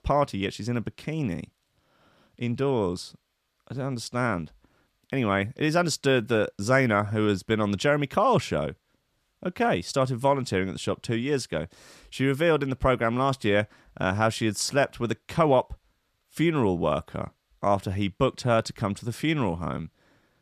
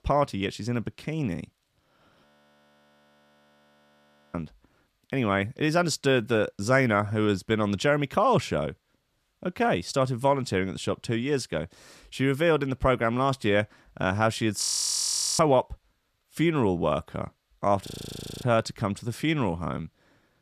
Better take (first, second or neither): first